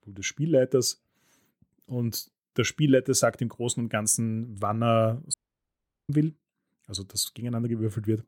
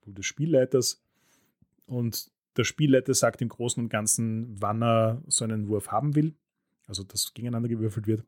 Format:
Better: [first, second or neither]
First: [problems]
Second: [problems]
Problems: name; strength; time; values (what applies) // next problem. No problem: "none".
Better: second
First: audio cutting out; at 5.5 s for 1 s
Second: none